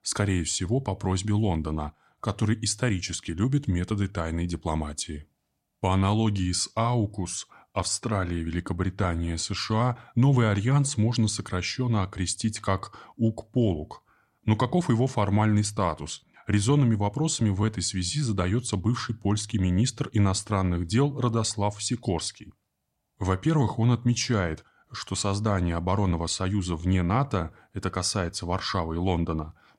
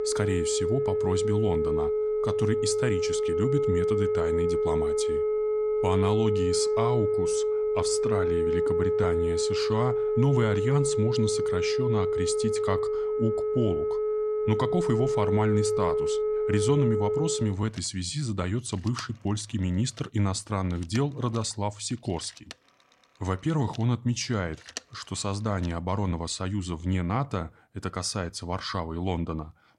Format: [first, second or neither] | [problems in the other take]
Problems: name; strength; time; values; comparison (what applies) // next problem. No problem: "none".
first | alarms or sirens; very loud; throughout; 3 dB above the speech